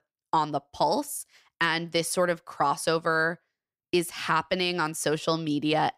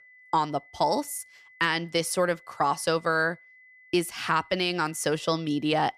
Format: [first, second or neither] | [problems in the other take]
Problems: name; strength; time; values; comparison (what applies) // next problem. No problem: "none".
first | high-pitched whine; faint; throughout; 2 kHz, 25 dB below the speech